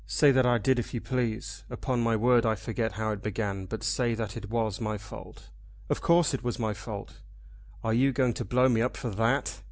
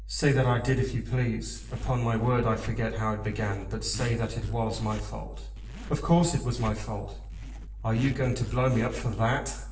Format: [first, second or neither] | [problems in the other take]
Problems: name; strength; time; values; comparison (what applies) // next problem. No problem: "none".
first | noise reduction (neural separator model SepFormer DNS4)